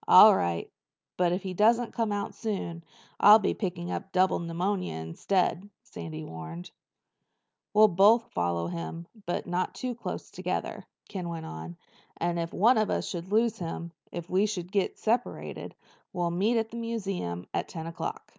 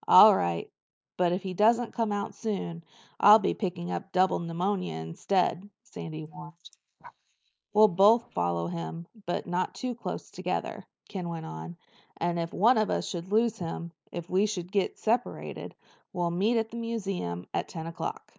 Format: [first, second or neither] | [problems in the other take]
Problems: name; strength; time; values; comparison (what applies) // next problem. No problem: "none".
first | noise reduction (neural mask model Resemble Enhance denoiser)